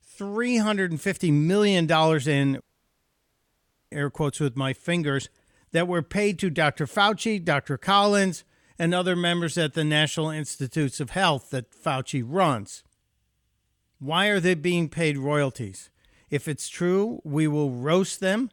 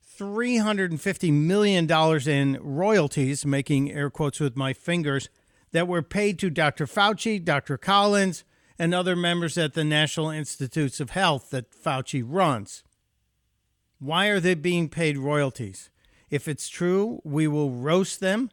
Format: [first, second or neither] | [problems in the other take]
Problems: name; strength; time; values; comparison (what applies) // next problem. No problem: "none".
second | audio cutting out; at 2.5 s for 1.5 s